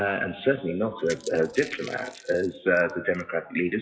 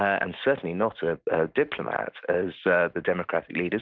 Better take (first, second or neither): second